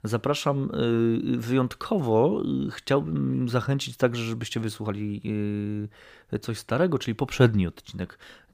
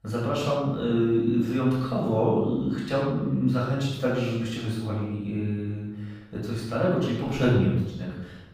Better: first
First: none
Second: room echo; strong; dies away in 0.9 s // off-mic speech; far

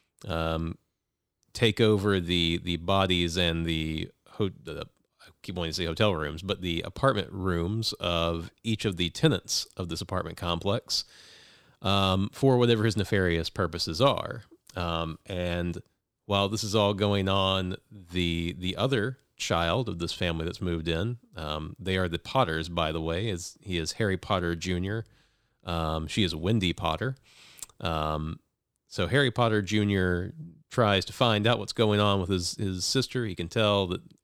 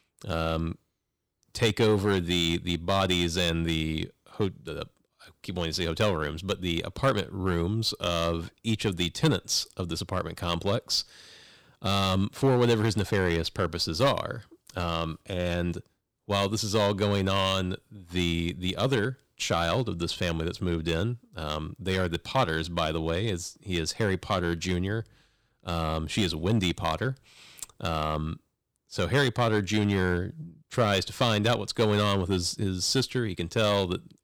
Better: first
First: none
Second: distortion; slight; 3% of the sound clipped

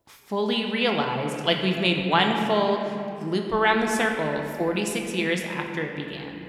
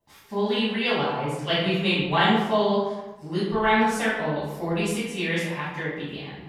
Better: first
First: room echo; slight; dies away in 2.1 s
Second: room echo; strong; dies away in 1 s // off-mic speech; far

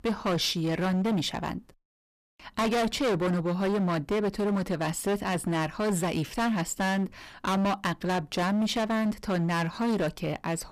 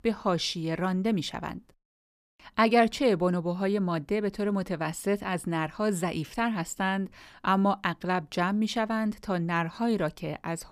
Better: second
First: distortion; heavy; 20% of the sound clipped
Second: none

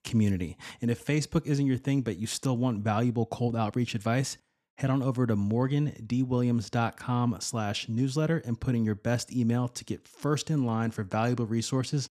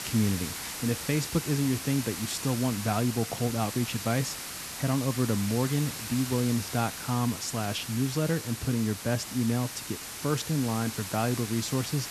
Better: first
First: none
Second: hiss; loud; throughout; 6 dB below the speech

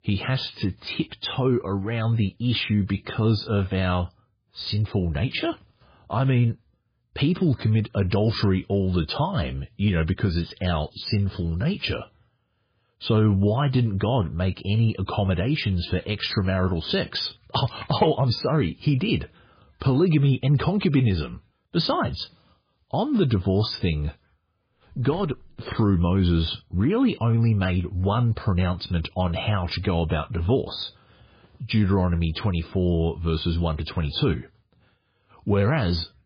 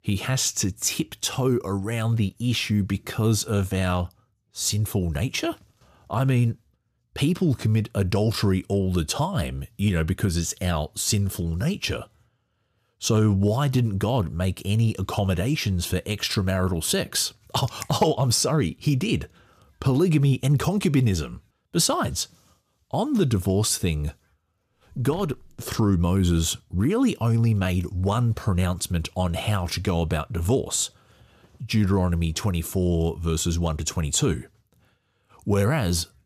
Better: second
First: garbled, watery; badly; nothing above 5 kHz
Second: none

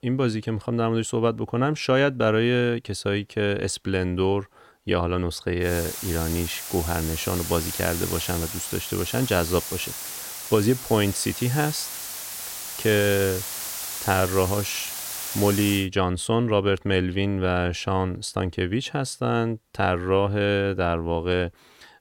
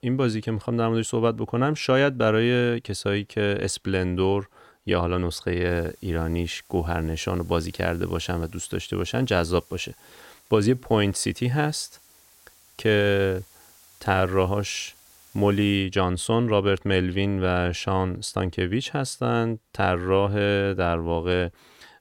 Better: second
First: hiss; loud; from 5.5 to 16 s; 6 dB below the speech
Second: hiss; faint; from 5.5 to 16 s; 30 dB below the speech

